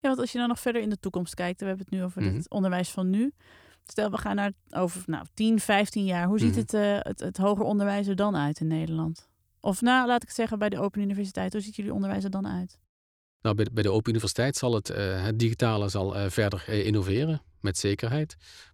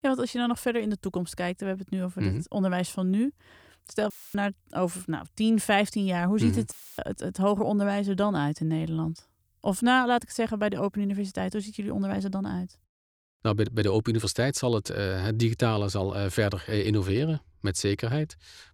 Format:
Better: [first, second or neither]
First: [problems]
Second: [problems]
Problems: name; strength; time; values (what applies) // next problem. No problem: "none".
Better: first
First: none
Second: audio cutting out; filled with static; at 4 s and at 6.5 s